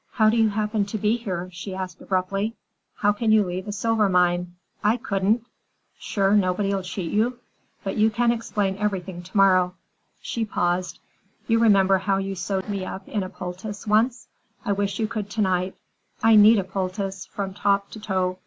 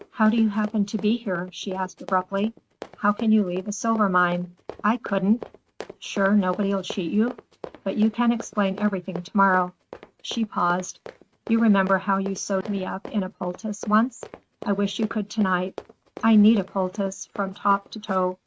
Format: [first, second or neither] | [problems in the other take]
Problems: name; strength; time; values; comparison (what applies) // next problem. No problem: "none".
first | noise reduction (neural mask model RNNoise)